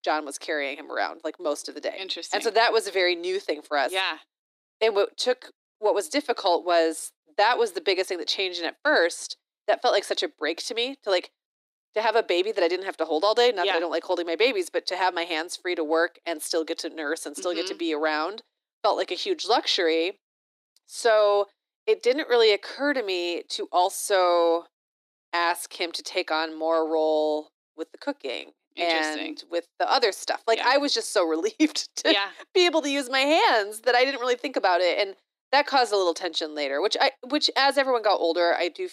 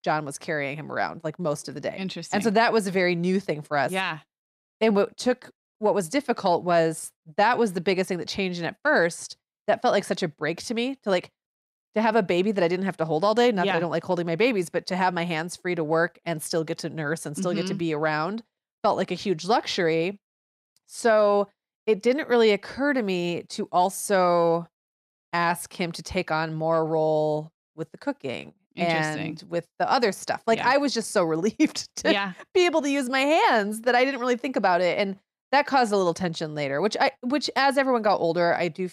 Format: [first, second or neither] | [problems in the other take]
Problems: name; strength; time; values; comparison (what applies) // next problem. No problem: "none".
second | thin; somewhat; fading below 300 Hz